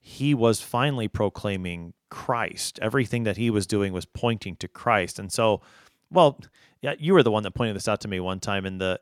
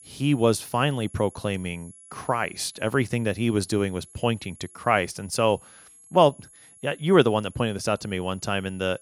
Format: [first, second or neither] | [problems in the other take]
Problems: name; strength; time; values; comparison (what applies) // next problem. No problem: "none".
first | high-pitched whine; faint; throughout; 11 kHz, 25 dB below the speech